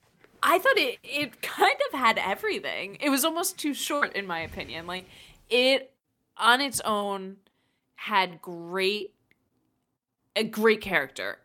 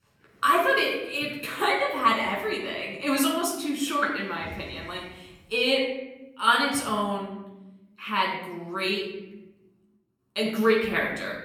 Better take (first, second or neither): first